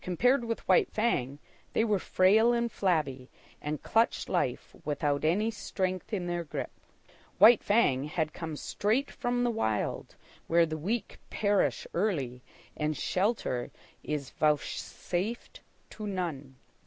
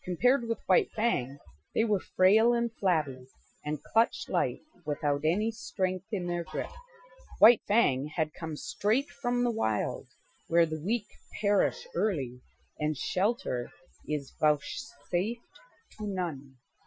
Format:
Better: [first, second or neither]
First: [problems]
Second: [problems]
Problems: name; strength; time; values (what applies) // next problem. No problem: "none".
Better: first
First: none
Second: noise reduction (classical method Wiener filter)